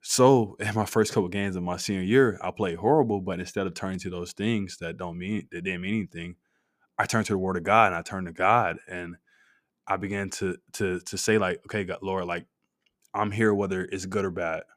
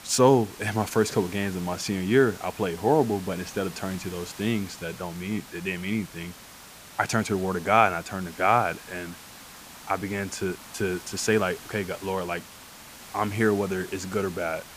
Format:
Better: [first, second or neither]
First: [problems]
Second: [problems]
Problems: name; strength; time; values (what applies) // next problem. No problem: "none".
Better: first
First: none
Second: hiss; noticeable; throughout; 15 dB below the speech